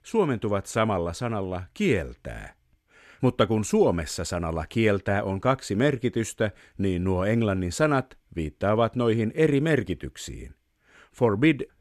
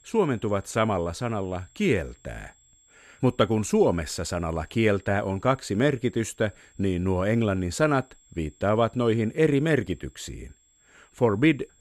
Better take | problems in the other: first | high-pitched whine; faint; throughout; 7.5 kHz, 30 dB below the speech

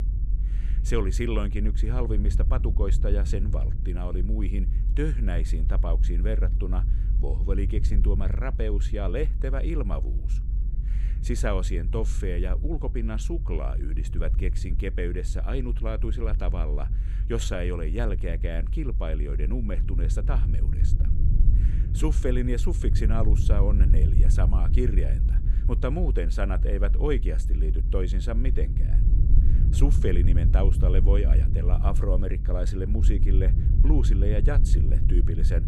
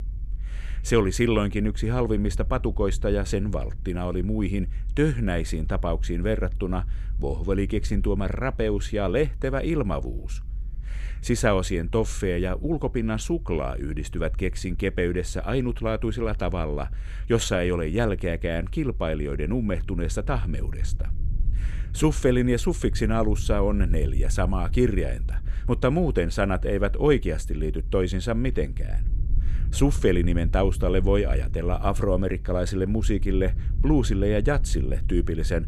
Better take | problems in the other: second | low rumble; loud; throughout; 9 dB below the speech; faint in the second

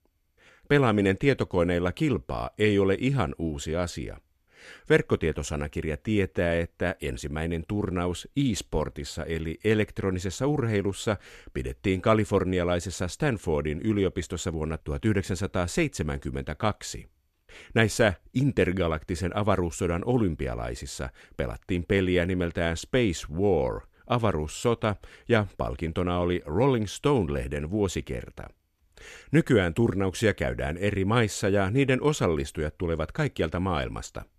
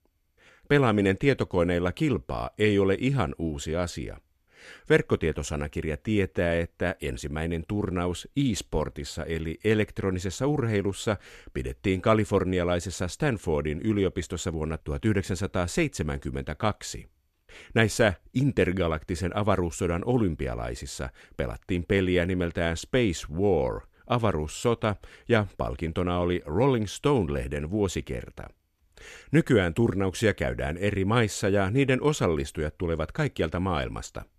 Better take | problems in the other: neither | none

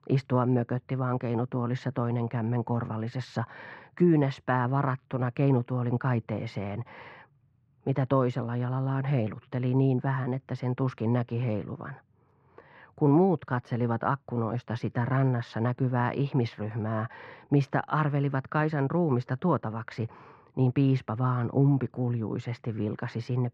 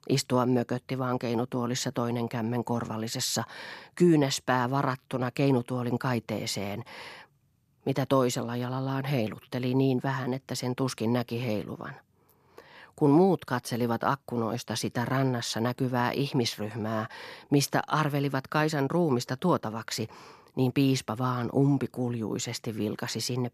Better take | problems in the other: second | muffled; very; fading above 2 kHz

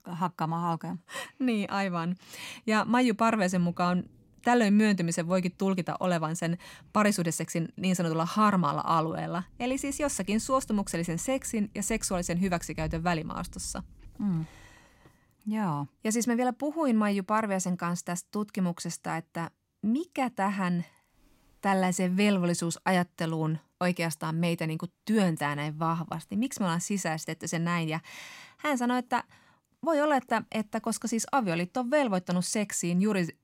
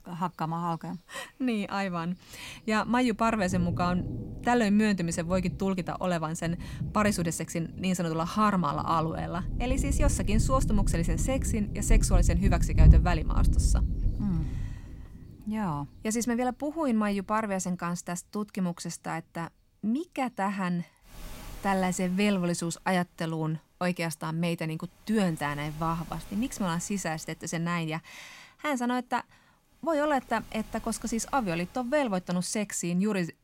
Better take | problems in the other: first | rain or running water; loud; throughout; as loud as the speech; faint in the first

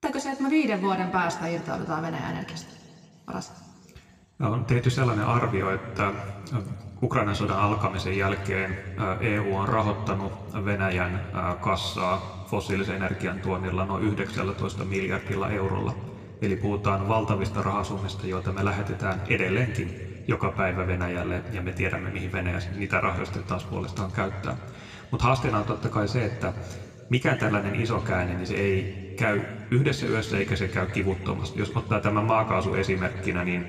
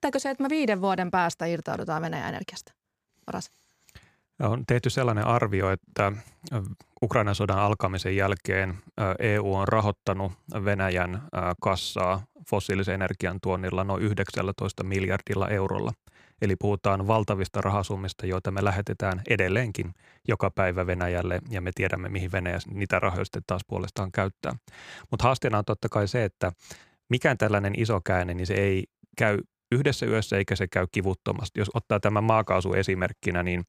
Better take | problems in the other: second | room echo; slight; dies away in 1.9 s

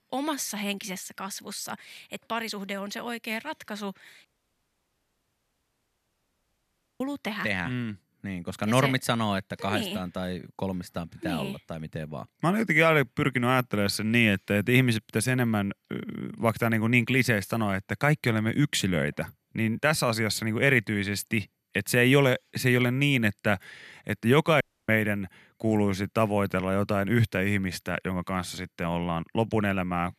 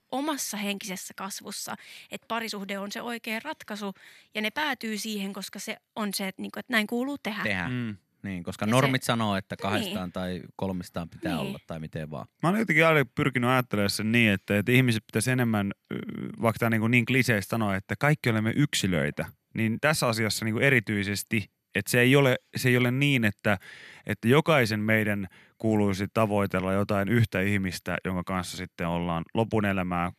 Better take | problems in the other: second | audio cutting out; at 4.5 s for 3 s and at 25 s

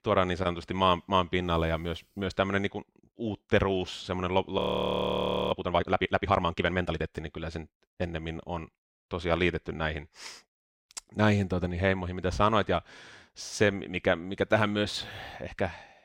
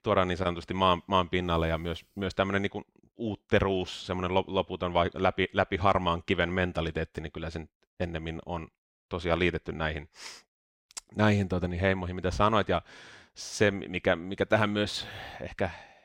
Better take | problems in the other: second | audio freezing; at 4.5 s for 1 s

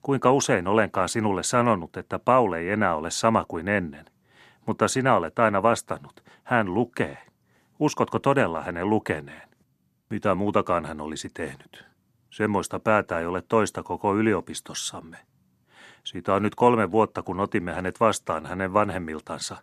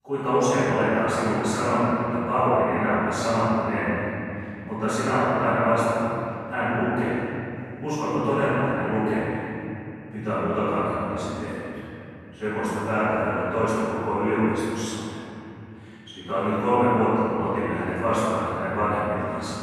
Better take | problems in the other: first | off-mic speech; far // room echo; strong; dies away in 3 s

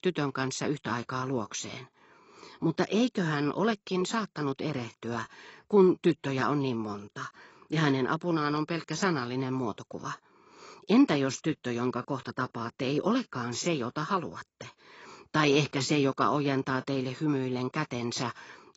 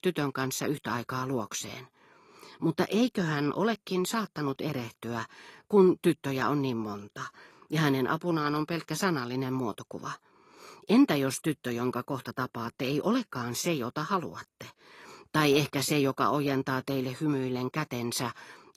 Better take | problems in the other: second | garbled, watery; badly; nothing above 7.5 kHz; slightly in the second

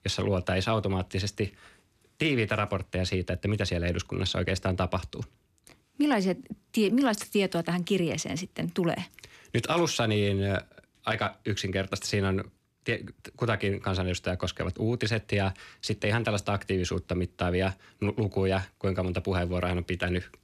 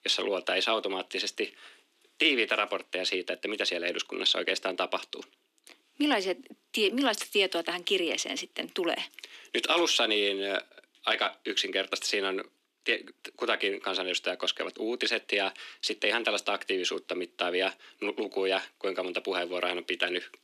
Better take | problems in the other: first | thin; somewhat; fading below 300 Hz

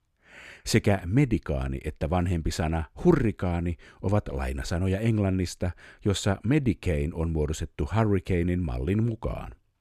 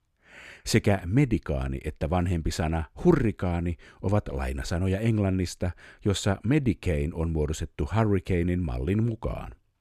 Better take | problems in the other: neither | none

